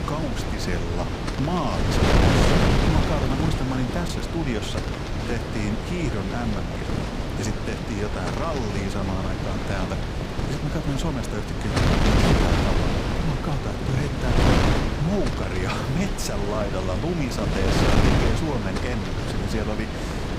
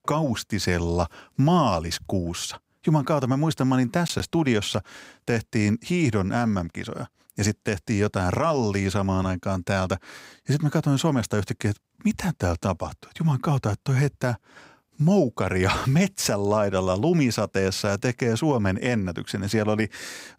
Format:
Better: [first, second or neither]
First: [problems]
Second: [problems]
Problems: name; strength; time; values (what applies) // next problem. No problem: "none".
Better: second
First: wind noise on the microphone; heavy; 4 dB above the speech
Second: none